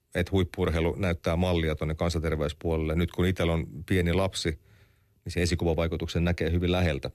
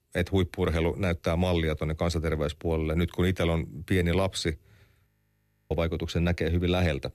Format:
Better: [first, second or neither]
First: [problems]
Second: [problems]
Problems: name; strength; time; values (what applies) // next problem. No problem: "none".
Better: first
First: none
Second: audio freezing; at 5 s for 0.5 s